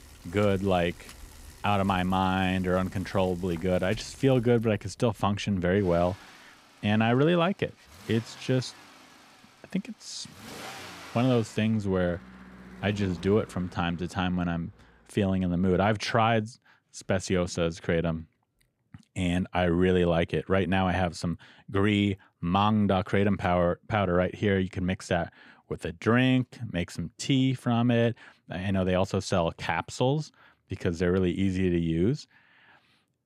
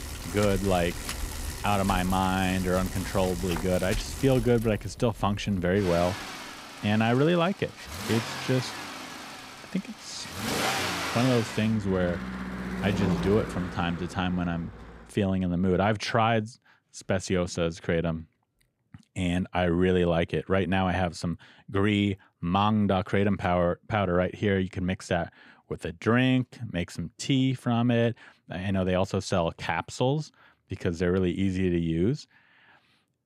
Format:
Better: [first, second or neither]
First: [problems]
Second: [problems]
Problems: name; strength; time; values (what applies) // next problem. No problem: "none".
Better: first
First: traffic noise; faint; until 15 s; 20 dB below the speech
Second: traffic noise; loud; until 15 s; 7 dB below the speech